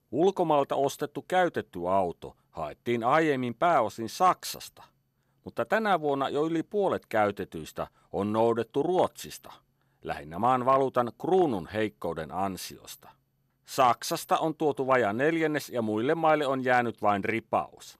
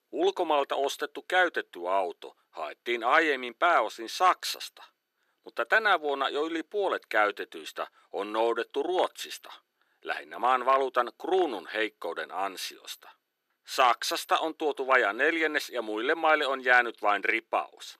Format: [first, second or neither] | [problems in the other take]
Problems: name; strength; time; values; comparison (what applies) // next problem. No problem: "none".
first | thin; somewhat; fading below 350 Hz